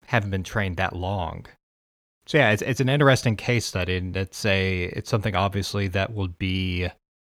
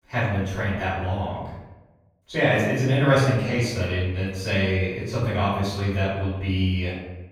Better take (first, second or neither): first